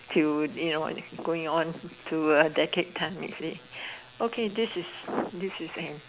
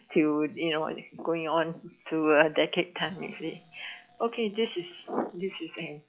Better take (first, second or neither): first